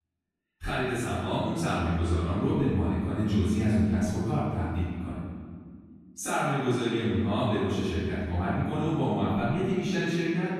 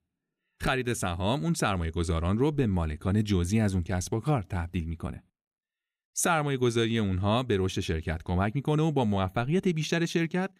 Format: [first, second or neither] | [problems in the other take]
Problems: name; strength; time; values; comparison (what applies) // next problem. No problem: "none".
second | off-mic speech; far // room echo; strong; dies away in 2 s